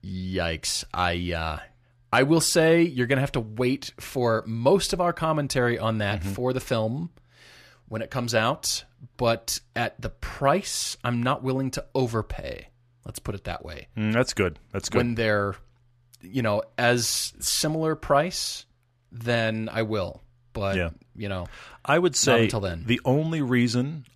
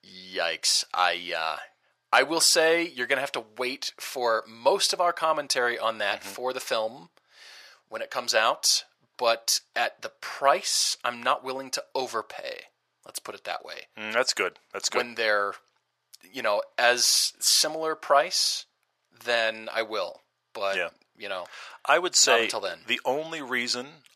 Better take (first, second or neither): first